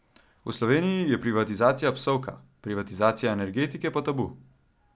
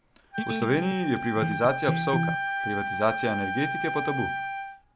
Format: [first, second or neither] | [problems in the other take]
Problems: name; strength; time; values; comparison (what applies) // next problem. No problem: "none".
first | background sound (Wind instrument, woodwind instrument + Electric guitar); 2 dB below the speech